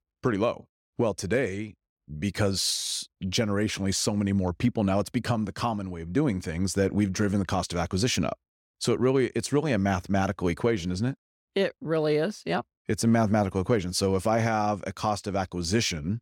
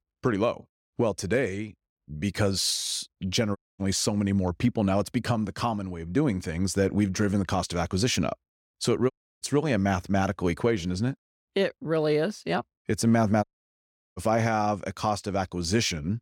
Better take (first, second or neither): first